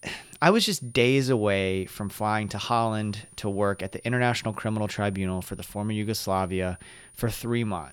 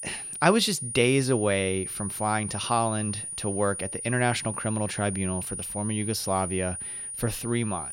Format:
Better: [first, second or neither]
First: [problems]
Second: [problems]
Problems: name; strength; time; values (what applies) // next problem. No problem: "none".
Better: first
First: high-pitched whine; faint; throughout; 9.5 kHz, 25 dB below the speech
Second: high-pitched whine; loud; throughout; 9.5 kHz, 6 dB below the speech